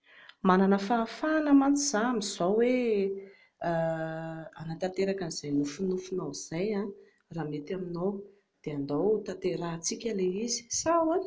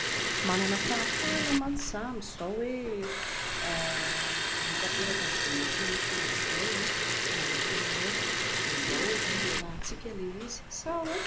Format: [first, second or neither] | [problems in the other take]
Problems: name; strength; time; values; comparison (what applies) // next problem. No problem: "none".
first | background sound (Liquid); 5 dB above the speech